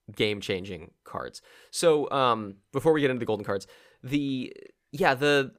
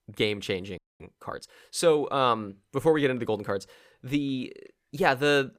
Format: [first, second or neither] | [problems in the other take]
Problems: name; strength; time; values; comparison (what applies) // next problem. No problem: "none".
first | audio freezing; at 1 s